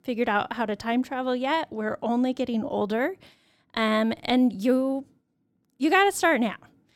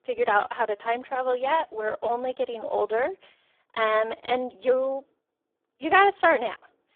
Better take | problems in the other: first | phone-call audio; poor line

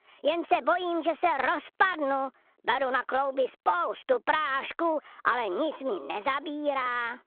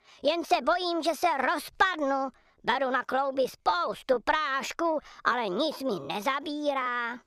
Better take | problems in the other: second | phone-call audio

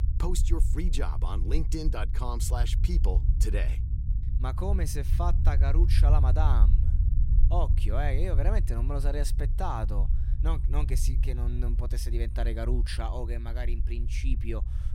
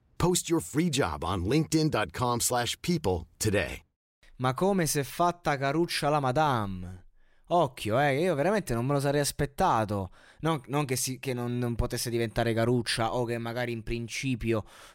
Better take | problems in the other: second | low rumble; loud; throughout; 9 dB below the speech

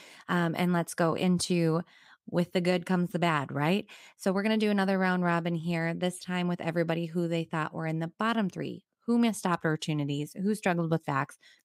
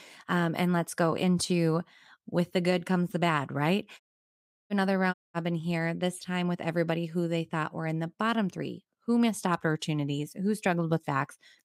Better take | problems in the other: first | audio cutting out; at 4 s for 0.5 s and at 5 s

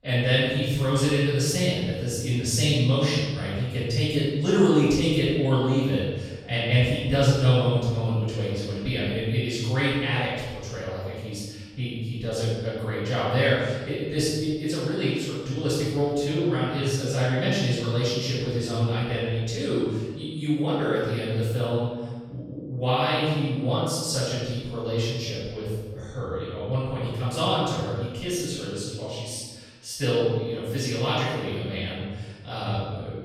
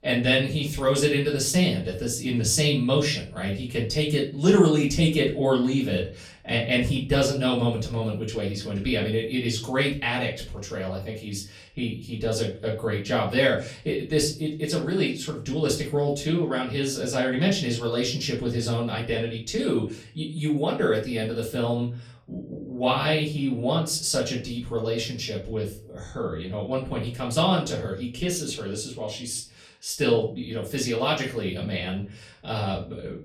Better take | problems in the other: second | room echo; strong; dies away in 1.2 s; slight in the second // off-mic speech; far; far in the second

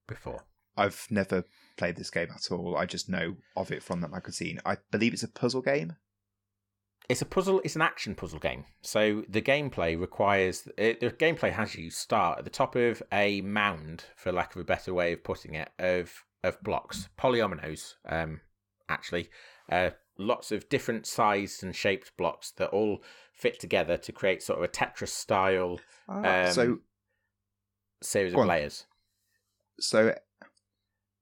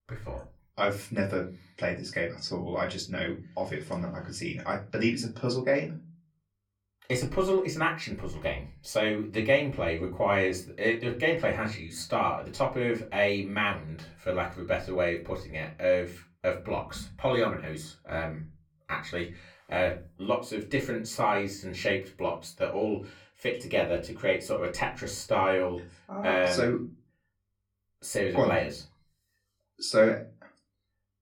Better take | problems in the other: first | off-mic speech; far // room echo; very slight; dies away in 0.3 s

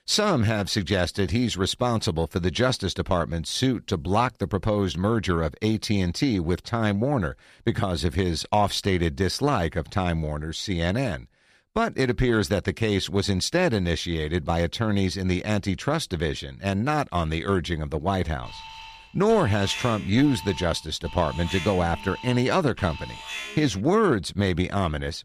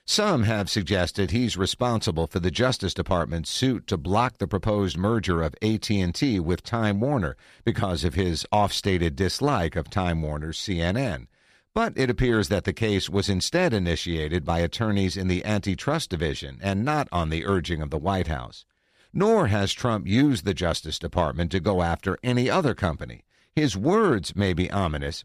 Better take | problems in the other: second | alarm; noticeable; from 18 to 24 s; peak 8 dB below the speech

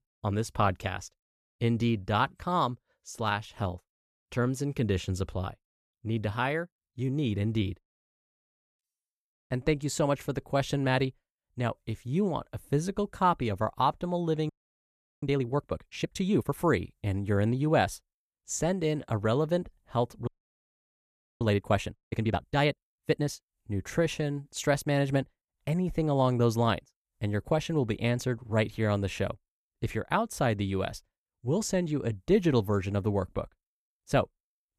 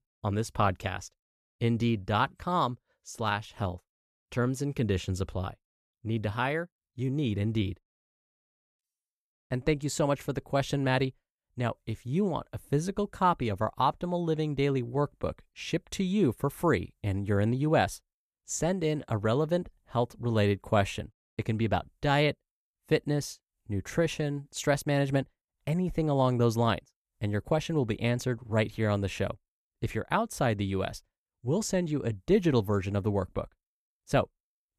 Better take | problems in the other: second | audio freezing; at 14 s for 0.5 s and at 20 s for 1 s

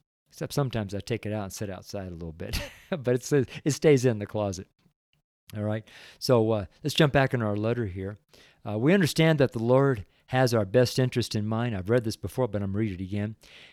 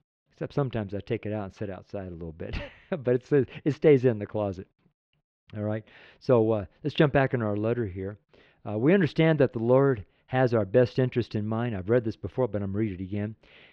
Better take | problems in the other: first | muffled; very; fading above 3 kHz

